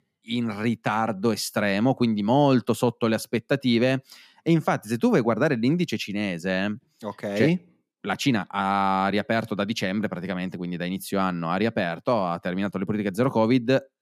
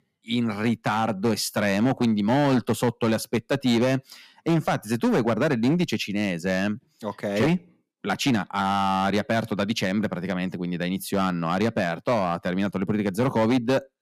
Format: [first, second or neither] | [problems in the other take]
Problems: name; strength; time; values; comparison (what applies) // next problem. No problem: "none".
first | distortion; slight; 7% of the sound clipped